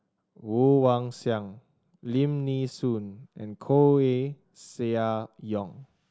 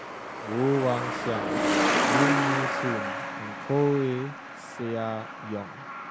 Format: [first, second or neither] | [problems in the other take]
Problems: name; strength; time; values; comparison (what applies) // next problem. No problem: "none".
first | background sound (Truck); 1 dB above the speech